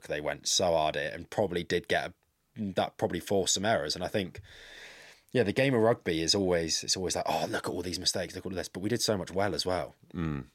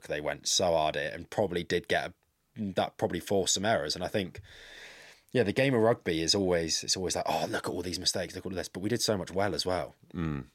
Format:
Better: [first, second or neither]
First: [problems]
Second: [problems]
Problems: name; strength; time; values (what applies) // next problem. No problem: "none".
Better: neither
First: none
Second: none